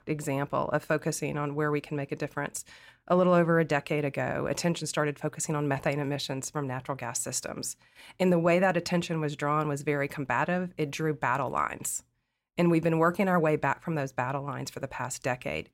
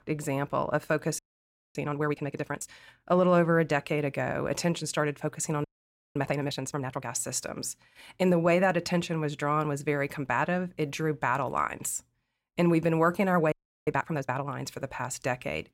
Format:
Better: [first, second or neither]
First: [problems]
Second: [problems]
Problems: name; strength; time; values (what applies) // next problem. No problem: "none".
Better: first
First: none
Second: audio freezing; at 1 s for 0.5 s, at 5.5 s for 0.5 s and at 14 s